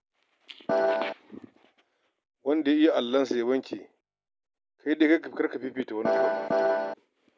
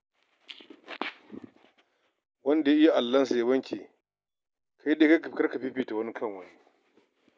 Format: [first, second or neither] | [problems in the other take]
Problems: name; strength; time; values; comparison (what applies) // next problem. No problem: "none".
second | background sound (Piano); 4 dB above the speech